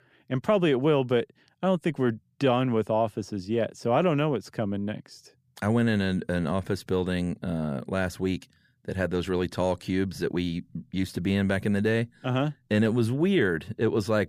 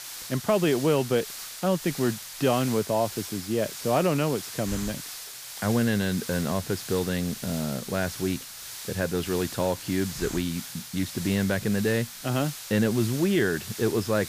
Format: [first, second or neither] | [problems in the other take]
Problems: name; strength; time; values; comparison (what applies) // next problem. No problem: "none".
first | hiss; loud; throughout; 9 dB below the speech